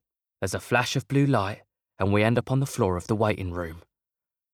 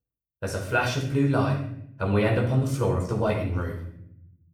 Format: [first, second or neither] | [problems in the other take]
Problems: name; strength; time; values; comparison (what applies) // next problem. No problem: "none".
first | off-mic speech; far // room echo; noticeable; dies away in 0.8 s